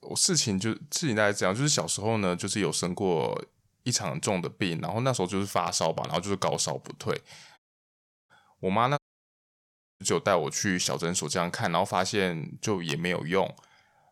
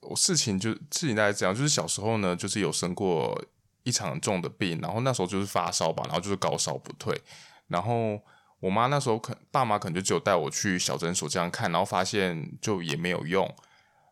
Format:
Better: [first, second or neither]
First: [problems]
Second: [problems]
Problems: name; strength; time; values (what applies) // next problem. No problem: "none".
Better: second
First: audio cutting out; at 7.5 s for 0.5 s and at 9 s for 1 s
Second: none